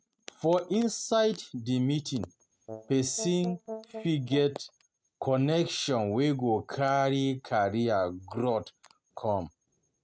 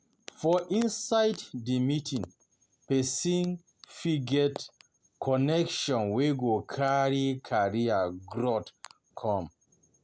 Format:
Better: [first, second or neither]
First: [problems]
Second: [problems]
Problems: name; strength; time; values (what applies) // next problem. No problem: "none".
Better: second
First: noise reduction (neural mask model RNNoise)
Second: none